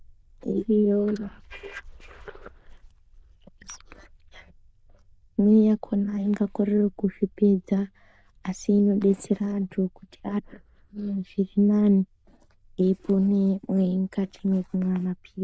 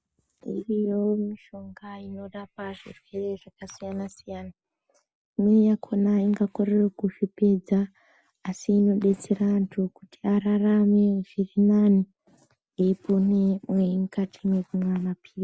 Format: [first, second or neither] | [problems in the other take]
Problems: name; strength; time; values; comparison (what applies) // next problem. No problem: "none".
second | noise reduction (neural diffusion model UNIVERSE++)